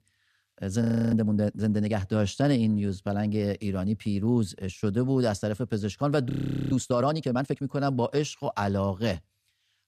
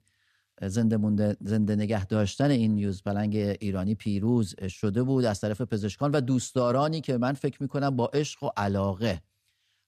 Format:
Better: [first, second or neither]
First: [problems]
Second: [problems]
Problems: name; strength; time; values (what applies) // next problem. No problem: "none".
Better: second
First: audio freezing; at 1 s and at 6.5 s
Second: none